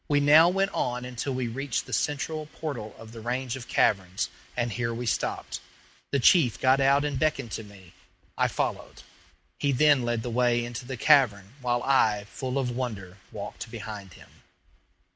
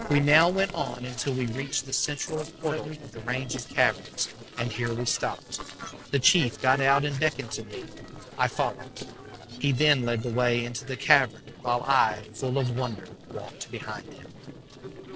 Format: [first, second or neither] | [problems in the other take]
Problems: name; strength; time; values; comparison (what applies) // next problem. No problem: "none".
first | noise reduction (neural separator model SepFormer DNS4)